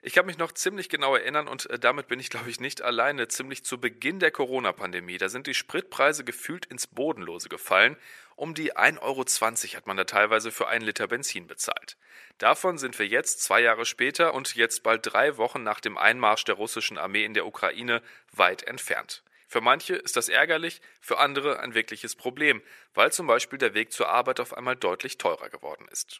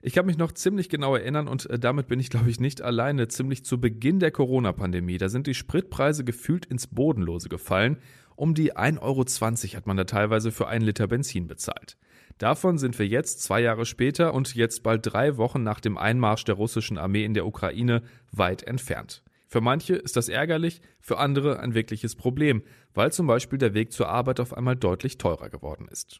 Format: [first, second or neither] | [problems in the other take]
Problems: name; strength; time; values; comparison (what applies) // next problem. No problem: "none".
second | thin; very; fading below 550 Hz